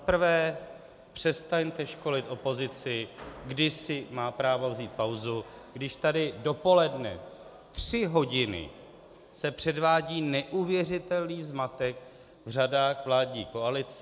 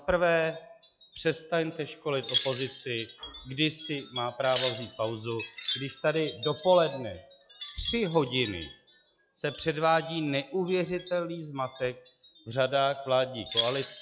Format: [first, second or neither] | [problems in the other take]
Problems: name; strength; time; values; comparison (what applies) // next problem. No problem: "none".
first | noise reduction (classical method log-MMSE)